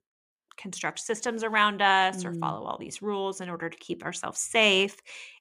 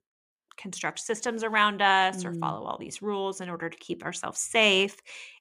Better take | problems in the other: neither | none

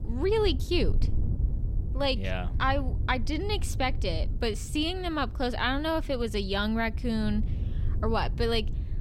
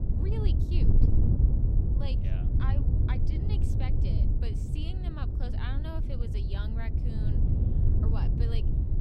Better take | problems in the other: first | wind noise on the microphone; heavy; 2 dB above the speech; occasional gusts in the first

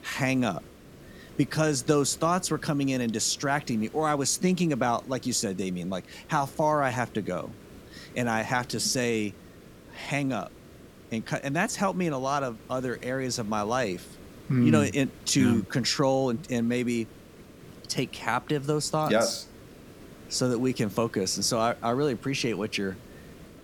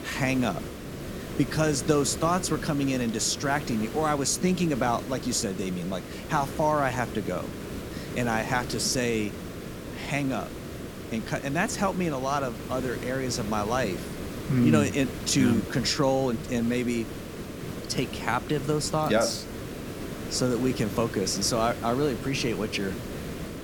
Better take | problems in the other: first | hiss; loud; throughout; 9 dB below the speech; faint in the first

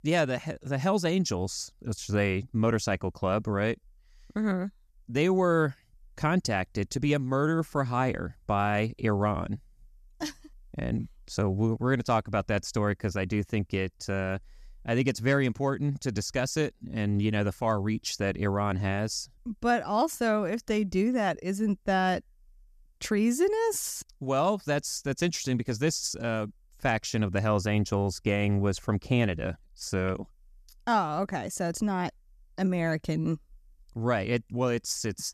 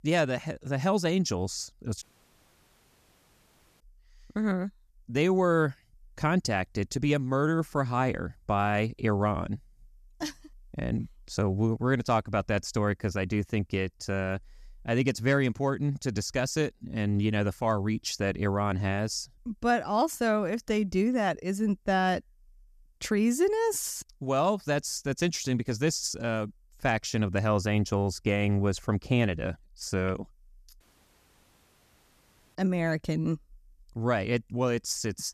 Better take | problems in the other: first | audio cutting out; at 2 s for 2 s and at 31 s for 1.5 s

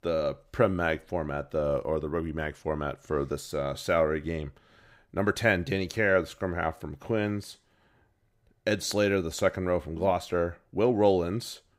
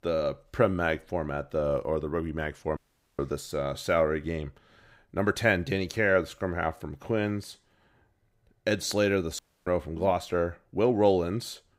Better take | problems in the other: first | audio cutting out; at 3 s and at 9.5 s

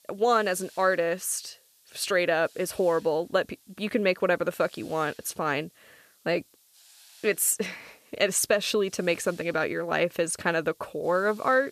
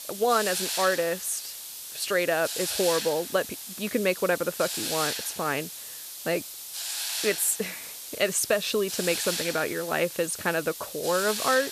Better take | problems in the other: first | hiss; loud; throughout; 5 dB below the speech; faint in the first

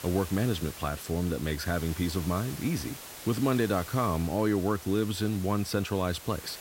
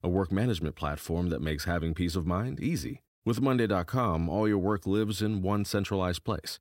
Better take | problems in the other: second | hiss; noticeable; throughout; 15 dB below the speech

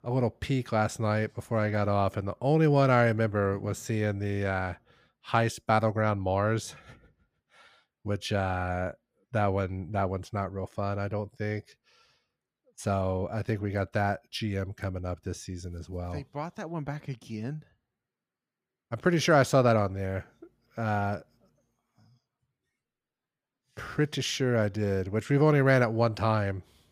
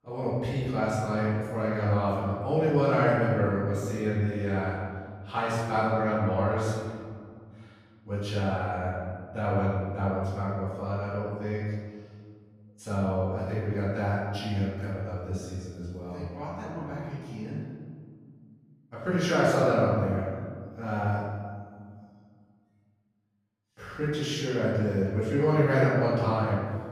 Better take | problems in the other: first | off-mic speech; far // room echo; strong; dies away in 1.6 s

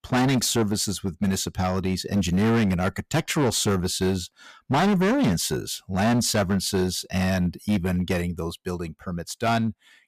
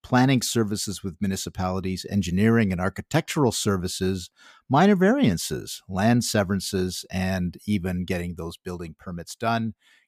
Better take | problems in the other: second | distortion; heavy; 12% of the sound clipped

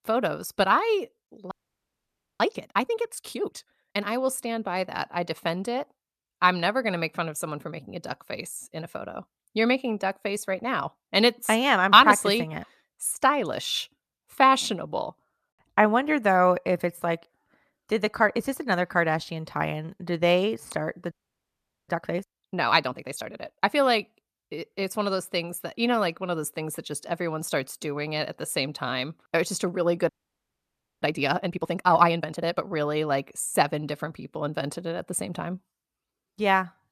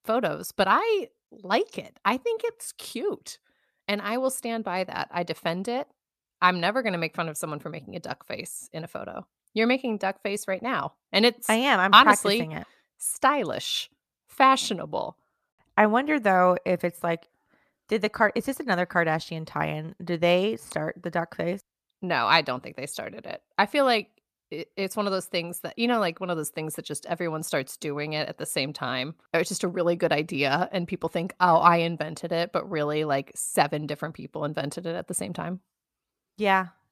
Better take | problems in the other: second | audio freezing; at 1.5 s for 1 s, at 21 s for 1 s and at 30 s for 1 s

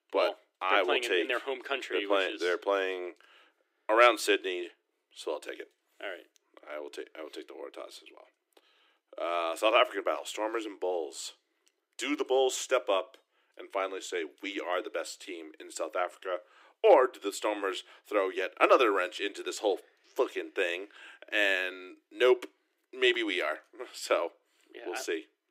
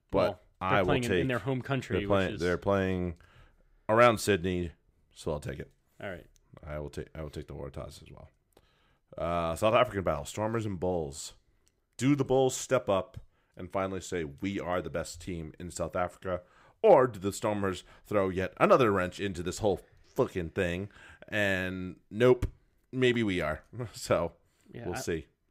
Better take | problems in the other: second | thin; somewhat; fading below 300 Hz

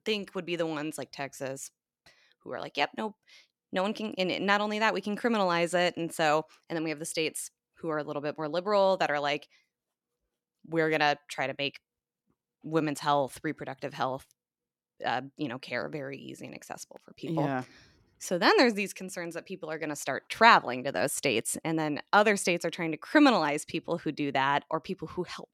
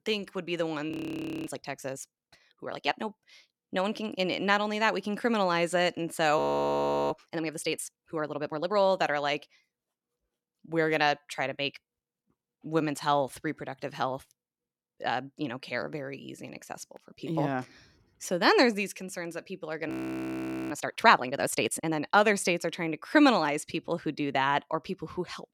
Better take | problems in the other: first | audio freezing; at 1 s for 0.5 s, at 6.5 s for 0.5 s and at 20 s for 1 s

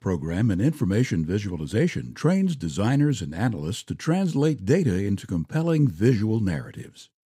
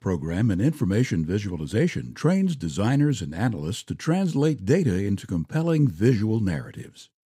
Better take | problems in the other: neither | none

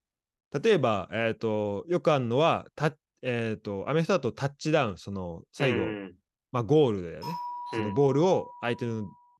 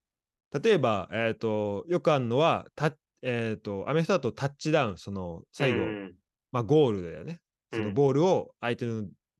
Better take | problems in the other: second | doorbell; noticeable; from 7 s on; peak 8 dB below the speech

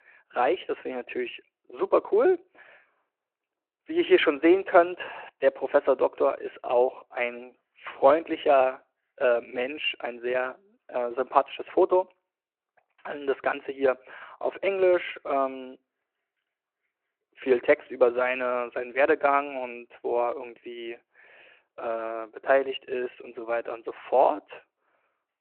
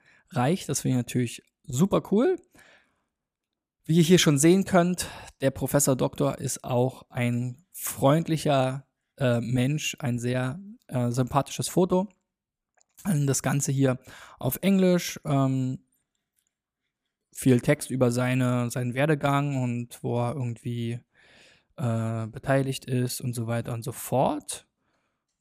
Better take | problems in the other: second | phone-call audio

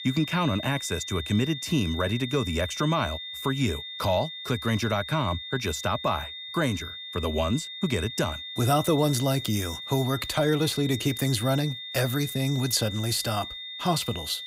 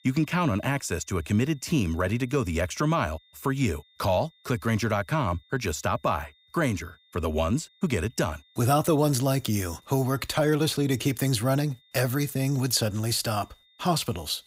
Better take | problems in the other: second | high-pitched whine; loud; throughout; 3.5 kHz, 8 dB below the speech; faint in the second

